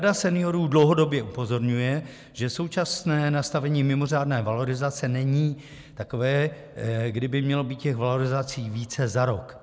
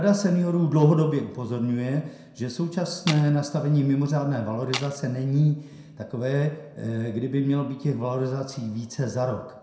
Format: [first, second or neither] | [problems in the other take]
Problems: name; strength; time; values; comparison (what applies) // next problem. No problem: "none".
first | background sound (Tools); 9 dB below the speech // room echo; dies away in 0.6 s